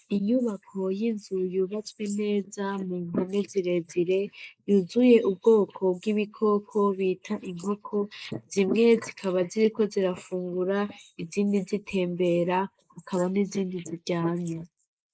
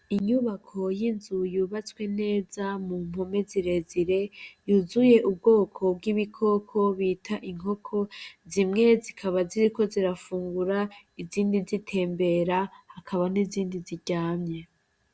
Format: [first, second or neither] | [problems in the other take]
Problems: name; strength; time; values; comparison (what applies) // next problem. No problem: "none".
second | noise reduction (neural mask model Resemble Enhance denoiser)